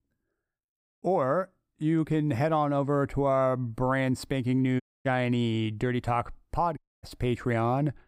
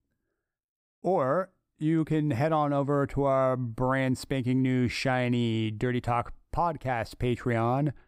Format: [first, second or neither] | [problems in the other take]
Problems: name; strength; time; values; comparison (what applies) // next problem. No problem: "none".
second | audio cutting out; at 5 s and at 7 s